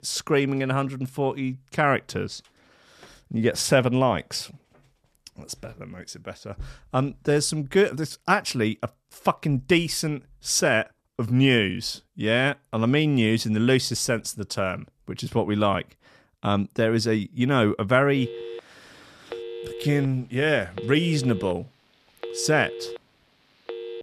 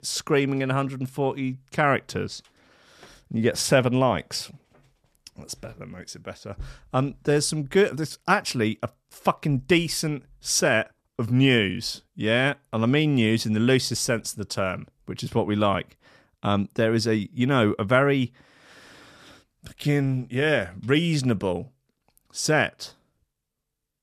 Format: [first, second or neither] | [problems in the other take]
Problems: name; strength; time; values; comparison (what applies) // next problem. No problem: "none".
second | phone ringing; faint; from 18 s on; peak 10 dB below the speech